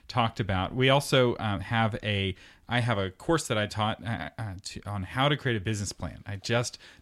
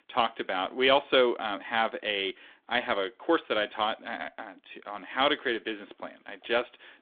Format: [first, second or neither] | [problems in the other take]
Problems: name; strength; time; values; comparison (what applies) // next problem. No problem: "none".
first | phone-call audio; nothing above 3.5 kHz